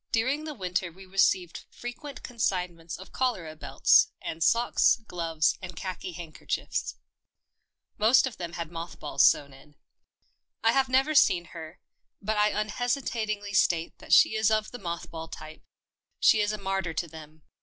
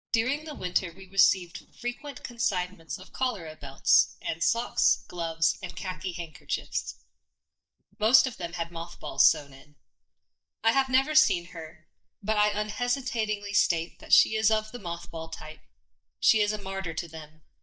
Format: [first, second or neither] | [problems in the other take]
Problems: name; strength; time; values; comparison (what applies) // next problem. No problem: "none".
first | noise reduction (neural mask model DeepFilterNet 3)